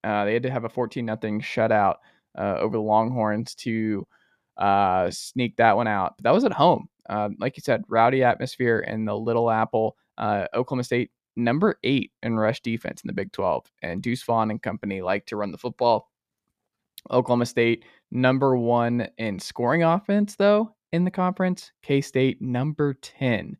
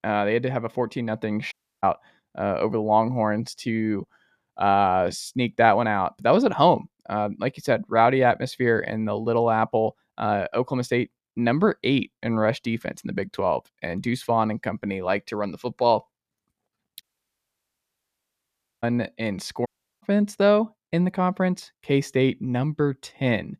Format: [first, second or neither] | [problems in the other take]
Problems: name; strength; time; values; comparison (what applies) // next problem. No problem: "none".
first | audio cutting out; at 1.5 s, at 17 s for 2 s and at 20 s